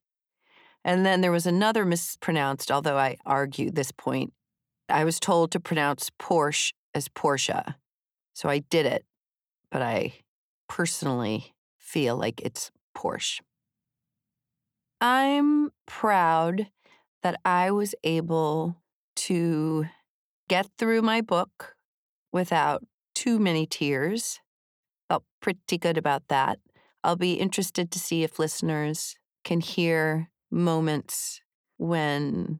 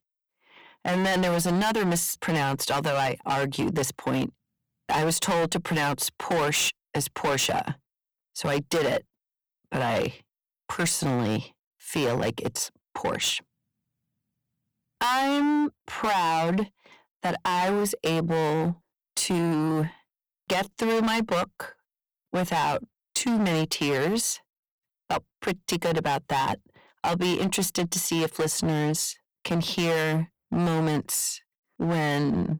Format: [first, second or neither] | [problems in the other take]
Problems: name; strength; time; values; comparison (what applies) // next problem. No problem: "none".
first | distortion; heavy; 17% of the sound clipped